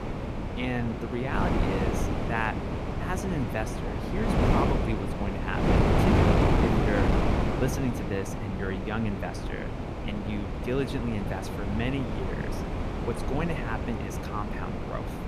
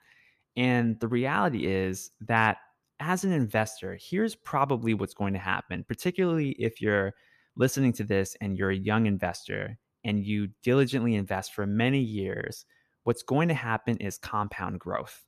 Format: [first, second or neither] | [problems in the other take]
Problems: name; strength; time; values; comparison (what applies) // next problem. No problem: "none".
second | wind noise on the microphone; heavy; 2 dB above the speech